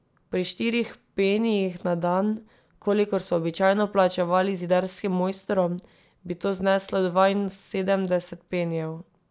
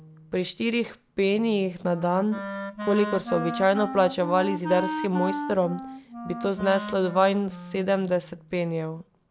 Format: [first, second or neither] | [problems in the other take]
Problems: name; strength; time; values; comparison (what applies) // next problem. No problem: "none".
first | background sound (Wind instrument, woodwind instrument); 10 dB below the speech